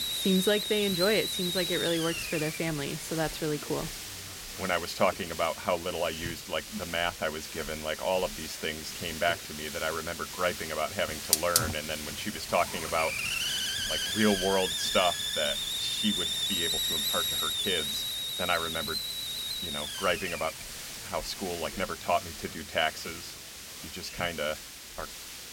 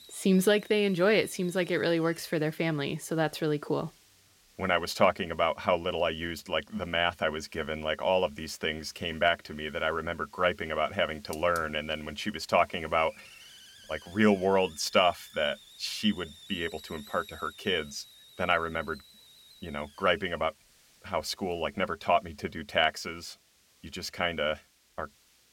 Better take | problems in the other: second | hiss; loud; throughout; 1 dB below the speech; faint in the second

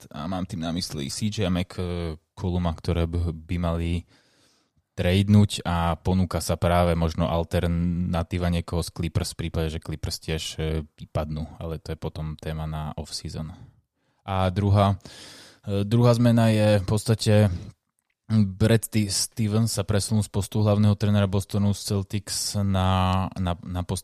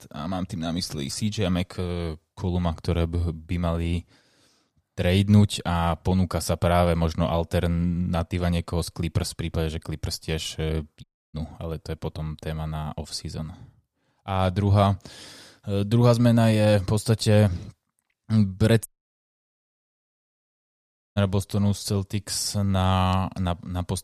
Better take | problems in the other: first | audio cutting out; at 11 s and at 19 s for 2.5 s

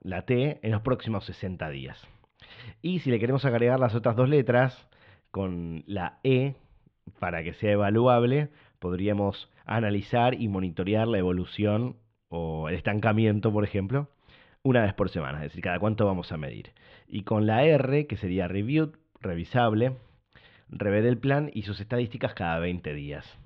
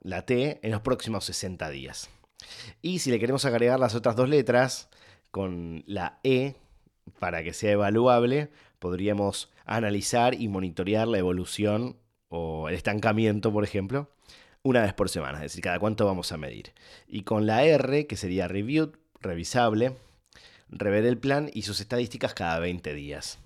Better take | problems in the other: second | muffled; very; fading above 3.5 kHz

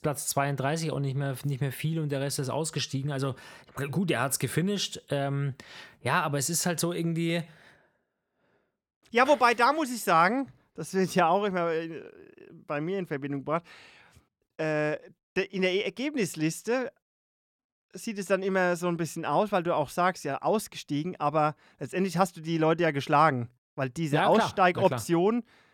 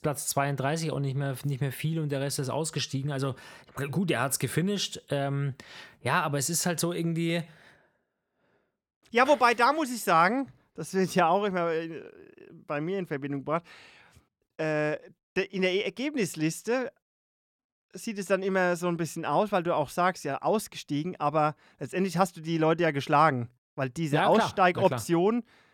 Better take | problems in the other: neither | none

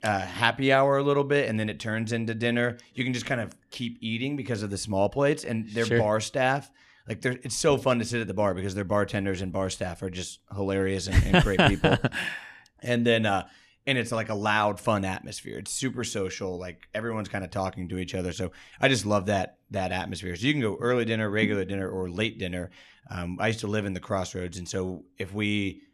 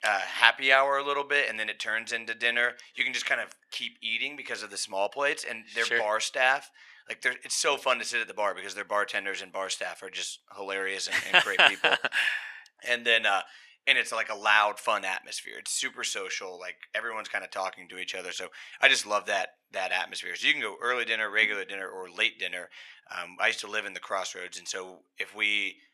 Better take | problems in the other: first | thin; very; fading below 750 Hz

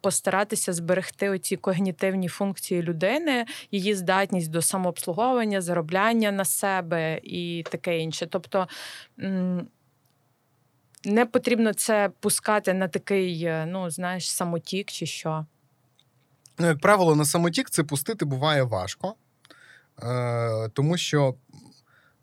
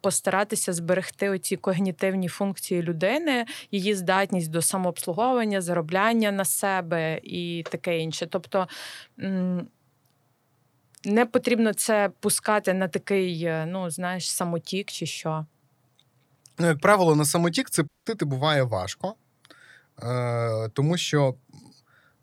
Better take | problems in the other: first | audio cutting out; at 18 s

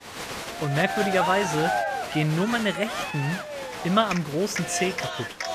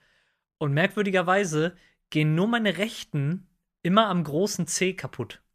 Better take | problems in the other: second | crowd noise; loud; throughout; 3 dB below the speech

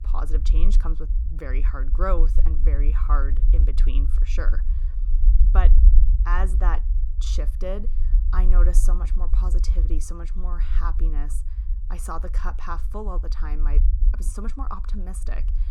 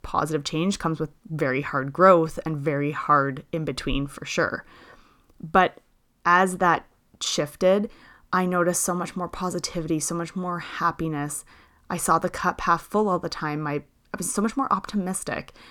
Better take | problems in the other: second | low rumble; noticeable; throughout; 10 dB below the speech

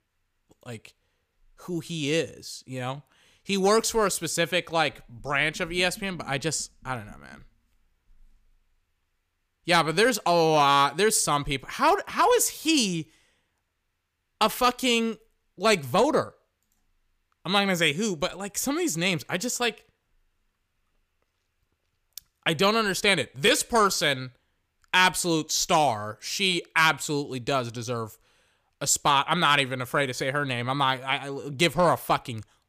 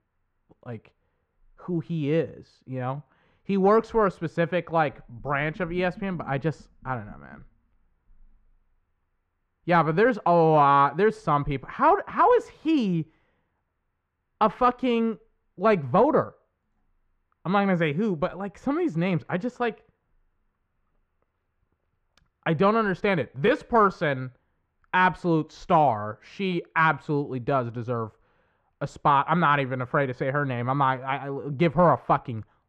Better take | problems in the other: first | muffled; very; fading above 1.5 kHz

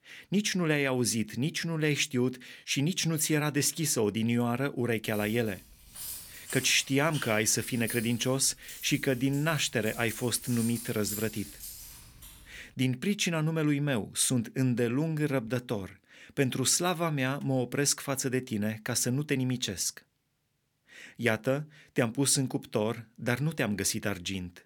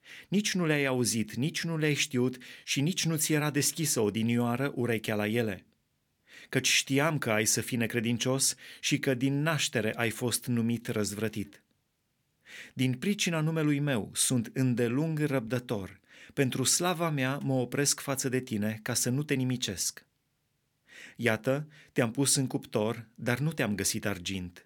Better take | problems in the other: second | jangling keys; noticeable; from 5 to 13 s; peak 8 dB below the speech

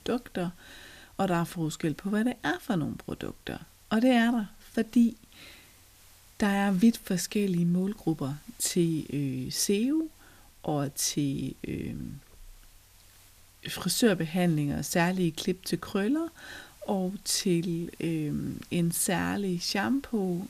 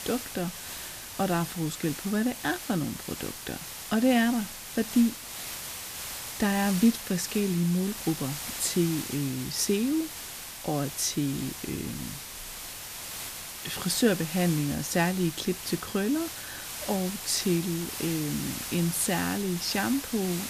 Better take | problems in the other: first | hiss; loud; throughout; 7 dB below the speech; faint in the first

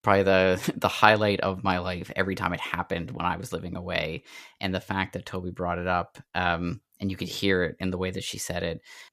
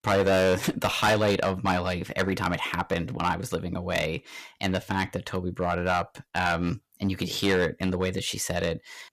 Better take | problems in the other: first | distortion; heavy; 5% of the sound clipped

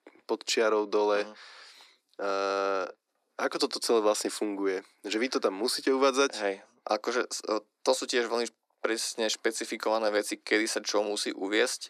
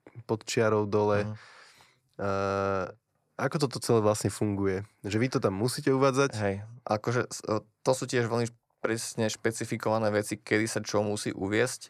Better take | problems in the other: second | thin; somewhat; fading below 250 Hz

